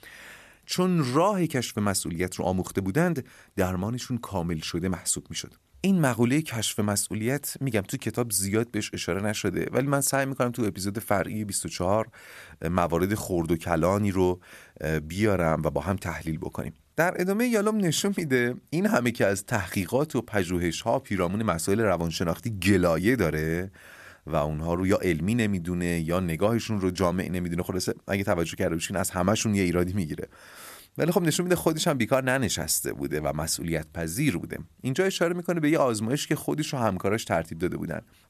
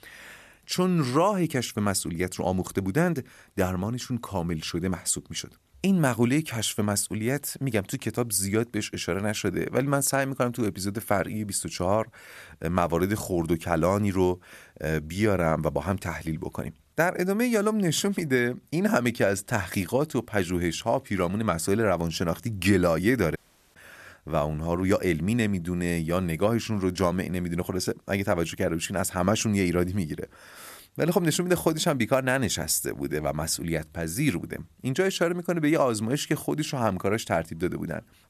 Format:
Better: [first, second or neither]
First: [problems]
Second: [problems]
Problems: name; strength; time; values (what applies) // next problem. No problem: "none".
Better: first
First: none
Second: audio cutting out; at 23 s